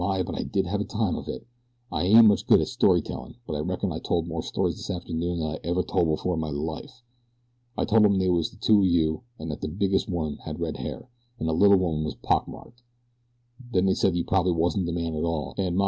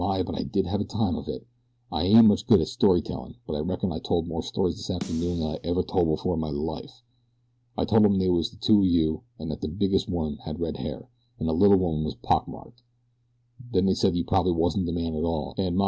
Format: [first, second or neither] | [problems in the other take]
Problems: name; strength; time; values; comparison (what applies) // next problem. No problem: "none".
first | background sound (Snare drum); 18 dB below the speech